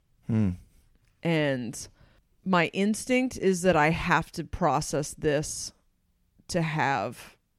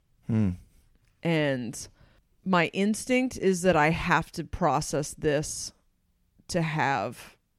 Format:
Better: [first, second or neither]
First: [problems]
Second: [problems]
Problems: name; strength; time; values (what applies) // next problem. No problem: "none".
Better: neither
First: none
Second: none